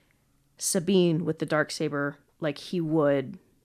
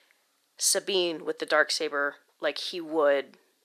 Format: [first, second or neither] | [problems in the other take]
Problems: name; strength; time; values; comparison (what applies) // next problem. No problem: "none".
first | thin; very; fading below 450 Hz